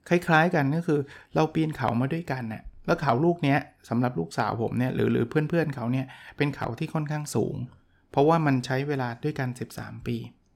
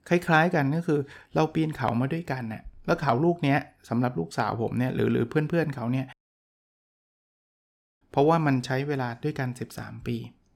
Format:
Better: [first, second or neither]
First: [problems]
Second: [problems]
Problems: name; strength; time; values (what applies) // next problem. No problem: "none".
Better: first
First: none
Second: audio cutting out; at 6 s for 2 s